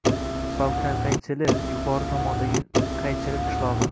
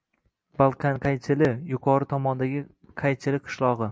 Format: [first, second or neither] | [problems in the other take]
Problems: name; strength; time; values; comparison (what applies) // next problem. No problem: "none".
second | background sound (Car); 5 dB above the speech